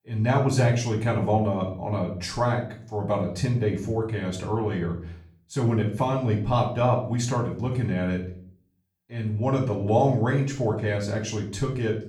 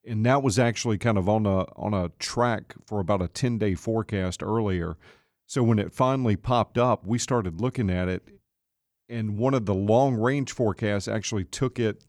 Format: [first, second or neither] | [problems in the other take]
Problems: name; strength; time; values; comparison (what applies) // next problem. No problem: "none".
second | off-mic speech; far // room echo; slight; dies away in 0.4 s